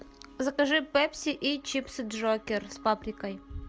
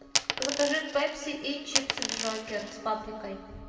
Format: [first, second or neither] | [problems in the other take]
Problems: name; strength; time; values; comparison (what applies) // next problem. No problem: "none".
first | background sound (Coin (dropping)); as loud as the speech // room echo; dies away in 2 s